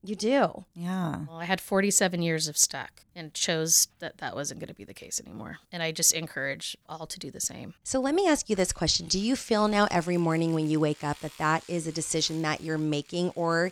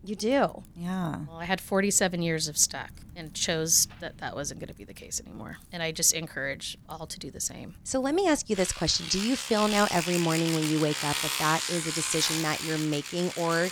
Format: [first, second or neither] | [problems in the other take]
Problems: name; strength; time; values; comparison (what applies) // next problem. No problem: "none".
first | household noises; loud; throughout; 4 dB below the speech; faint in the first